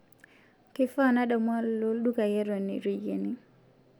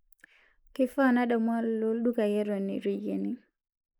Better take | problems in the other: first | noise reduction (neural mask model Resemble Enhance denoiser)

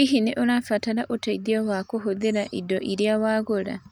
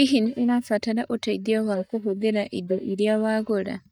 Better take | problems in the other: first | noise reduction (neural mask model DeepFilterNet 3)

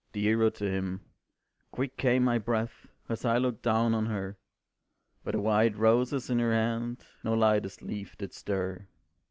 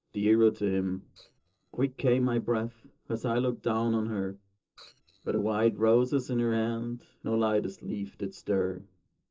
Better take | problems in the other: first | noise reduction (neural separator model SepFormer DNS4)

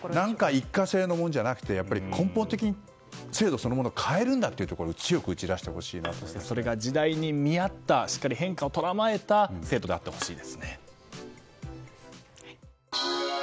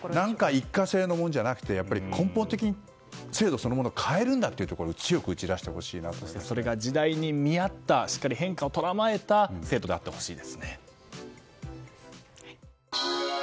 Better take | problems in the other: second | background sound (Bowed string instrument); 19 dB below the speech

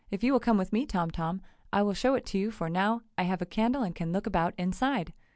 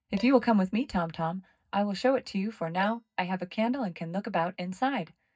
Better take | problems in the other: first | noise reduction (neural mask model DeepFilterNet 3)

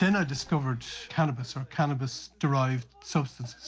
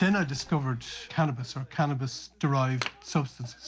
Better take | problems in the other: first | background sound (Wood); 18 dB below the speech

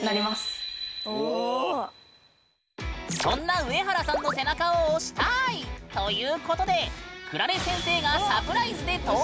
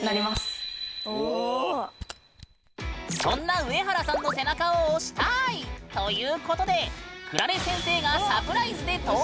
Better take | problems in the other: first | background sound (Camera); 19 dB below the speech

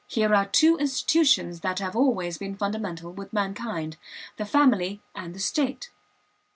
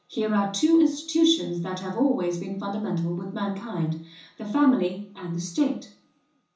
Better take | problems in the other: first | room echo; dies away in 0.7 s

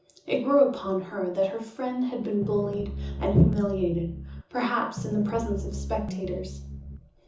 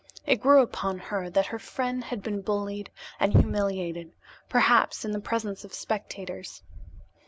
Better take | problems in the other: second | background sound (Piano); 7 dB below the speech // room echo; dies away in 0.6 s

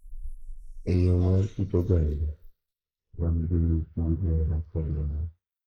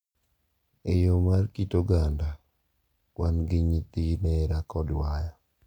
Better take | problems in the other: second | noise reduction (neural mask model Resemble Enhance denoiser)

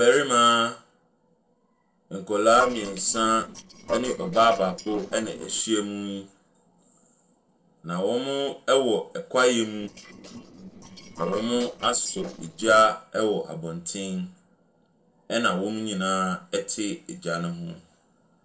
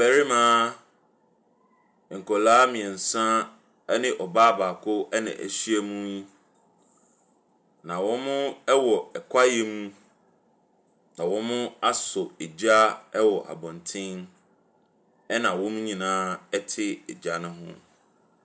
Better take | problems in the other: second | noise reduction (neural separator model SepFormer DNS4)

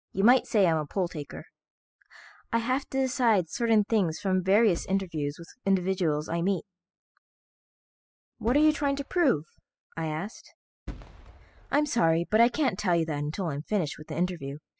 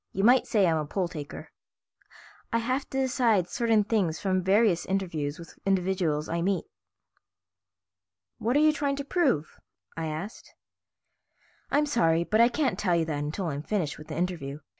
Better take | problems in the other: second | noise reduction (classical method spectral subtraction)

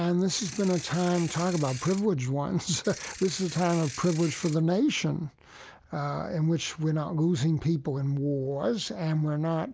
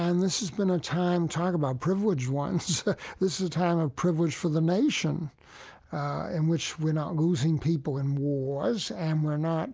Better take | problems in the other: second | background sound (Ratchet, pawl / Percussion); 14 dB below the speech

